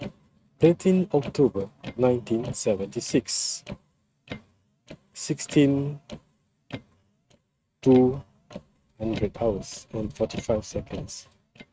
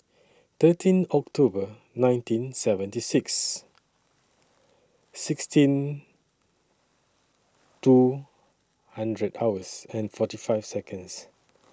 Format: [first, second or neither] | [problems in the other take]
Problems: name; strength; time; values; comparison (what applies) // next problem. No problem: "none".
second | noise reduction (neural mask model RNNoise)